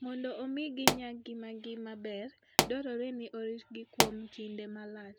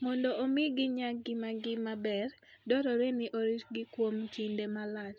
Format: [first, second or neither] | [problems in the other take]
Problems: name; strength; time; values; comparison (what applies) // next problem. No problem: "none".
second | background sound (Explosion); 5 dB above the speech